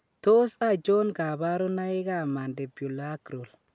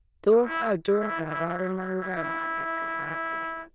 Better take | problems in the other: first | noise reduction (neural diffusion model UNIVERSE++)

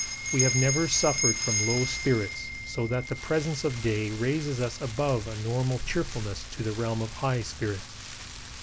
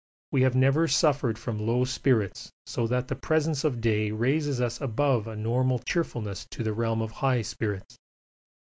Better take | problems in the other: second | background sound (Bell + Rain); 4 dB below the speech

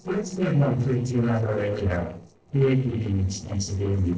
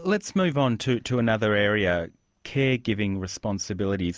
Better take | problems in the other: second | noise reduction (neural separator model SepFormer DNS4)

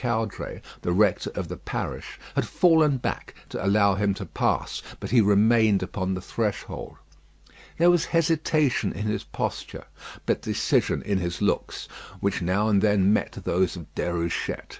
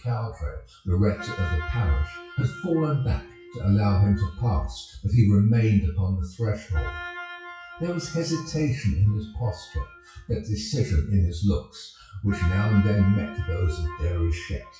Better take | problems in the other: first | noise reduction (classical method WPE with log-MMSE)

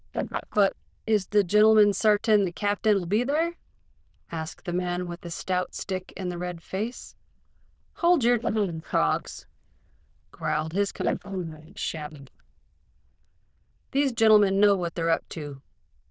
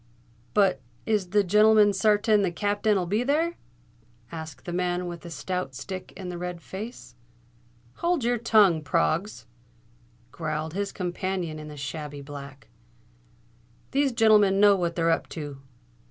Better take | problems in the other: second | noise reduction (neural diffusion model UNIVERSE++)

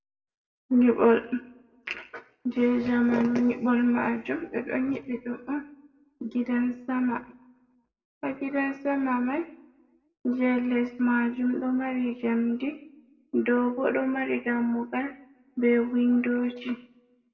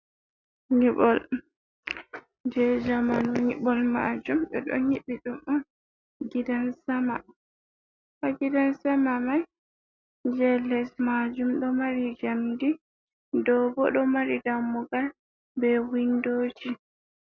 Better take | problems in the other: second | room echo; dies away in 0.6 s

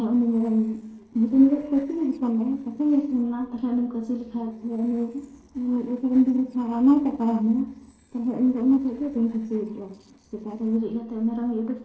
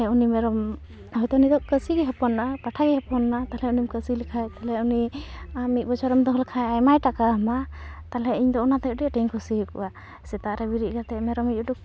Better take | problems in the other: second | noise reduction (neural separator model SepFormer DNS4)

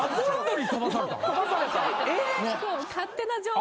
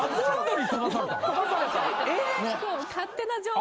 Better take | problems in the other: first | background sound (Telephone); 9 dB below the speech

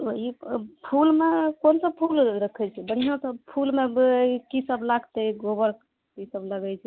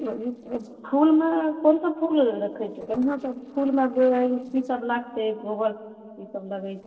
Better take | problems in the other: first | noise reduction (neural separator model SepFormer DNS4)

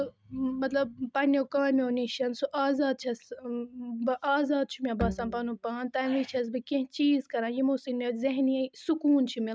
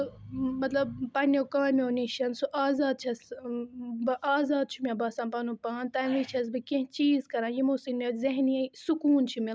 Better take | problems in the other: second | noise reduction (neural mask model RNNoise)

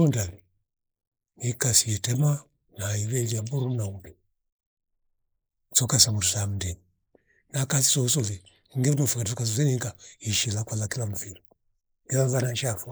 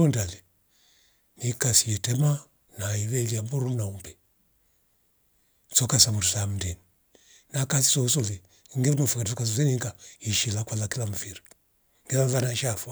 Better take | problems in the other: second | noise reduction (neural mask model Resemble Enhance denoiser)

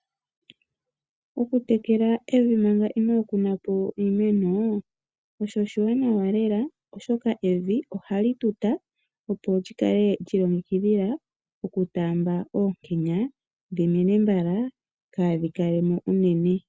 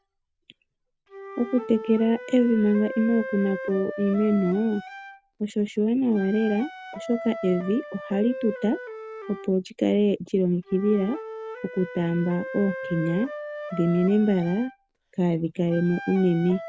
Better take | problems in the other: first | background sound (Wind instrument, woodwind instrument); 13 dB below the speech

